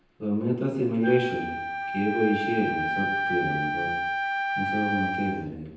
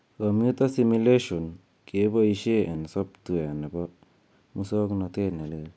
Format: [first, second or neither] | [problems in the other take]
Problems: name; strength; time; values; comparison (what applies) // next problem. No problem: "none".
second | background sound (Wind instrument, woodwind instrument); 2 dB below the speech // room echo; dies away in 0.9 s